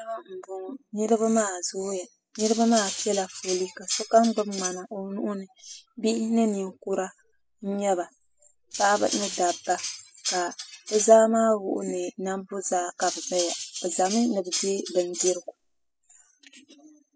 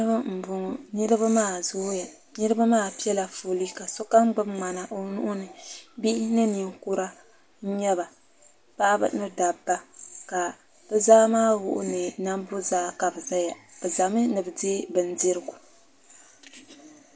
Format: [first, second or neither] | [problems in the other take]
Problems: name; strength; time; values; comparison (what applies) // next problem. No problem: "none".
second | noise reduction (classical method spectral subtraction)